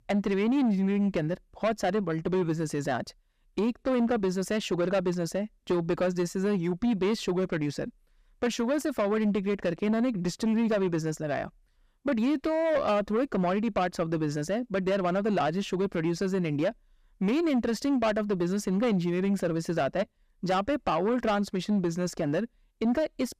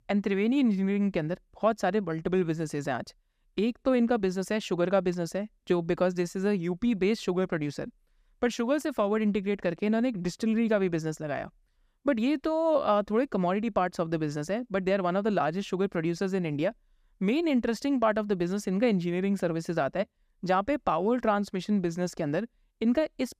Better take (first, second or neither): second